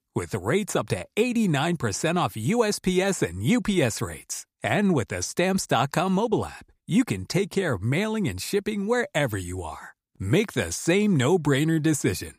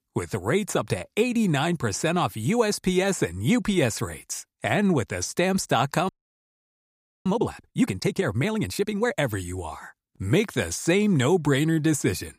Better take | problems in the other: first | audio freezing; at 6 s for 1 s

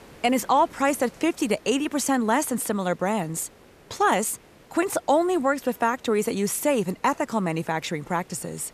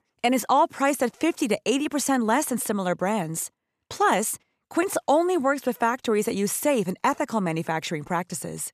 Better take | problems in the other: second | hiss; faint; throughout; 25 dB below the speech

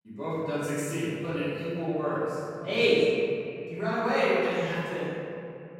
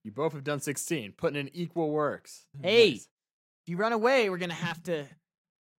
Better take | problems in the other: second | off-mic speech; far // room echo; strong; dies away in 2.7 s

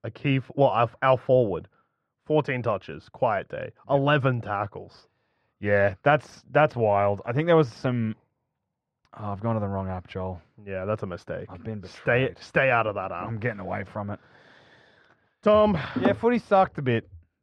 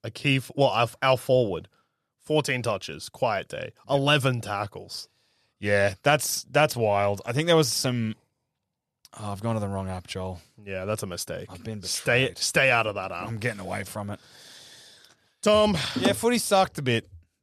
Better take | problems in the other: second | muffled; very; fading above 1.5 kHz

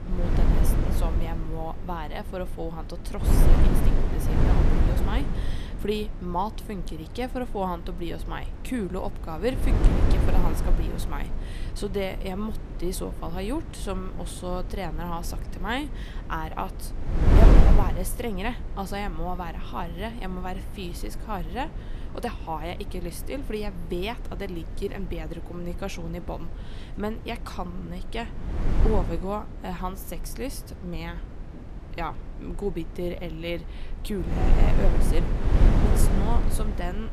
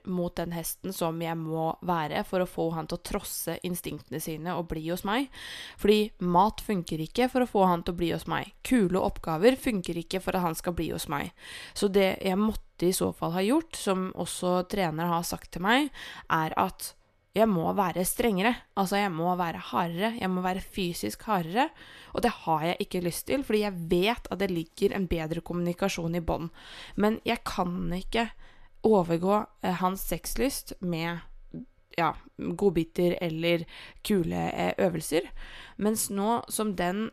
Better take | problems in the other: second | wind noise on the microphone; heavy; 3 dB below the speech

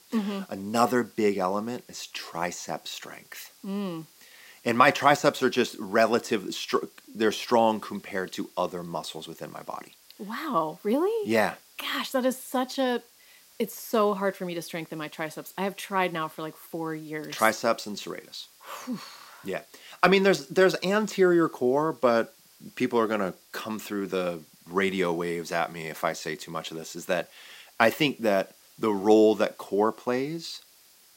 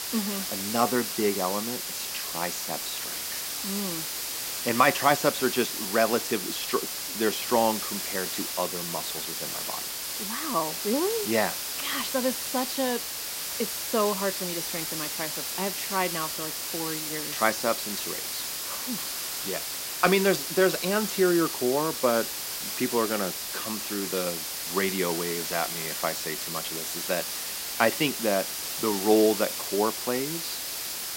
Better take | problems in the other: first | hiss; loud; throughout; 2 dB below the speech; faint in the first

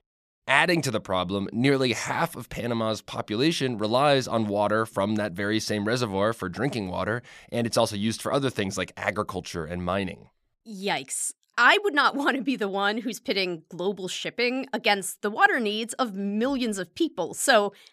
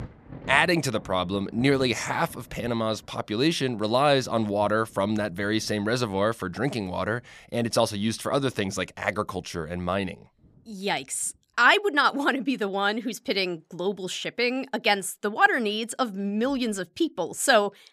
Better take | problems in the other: first | rain or running water; faint; throughout; 20 dB below the speech

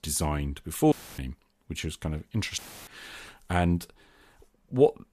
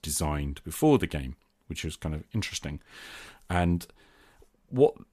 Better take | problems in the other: second | audio cutting out; filled with static; at 1 s and at 2.5 s

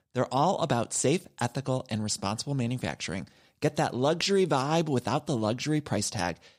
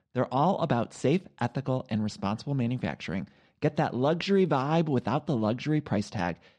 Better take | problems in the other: first | muffled; slightly; fading above 3 kHz

